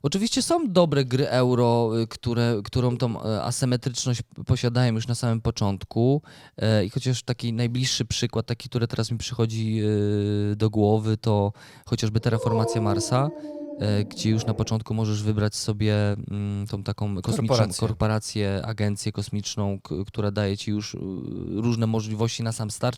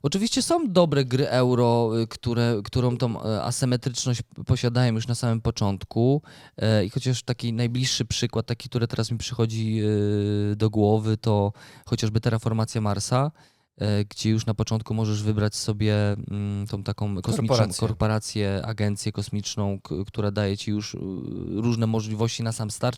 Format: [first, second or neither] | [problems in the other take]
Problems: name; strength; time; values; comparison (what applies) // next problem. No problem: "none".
second | dog barking; noticeable; from 12 to 15 s; peak 3 dB below the speech